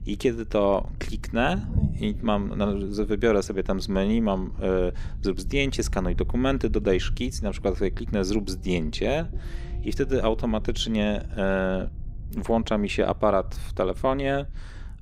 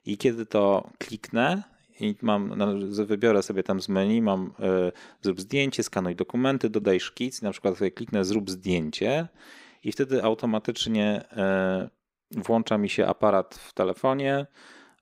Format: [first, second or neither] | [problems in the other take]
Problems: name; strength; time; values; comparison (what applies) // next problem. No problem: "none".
second | low rumble; faint; throughout; 20 dB below the speech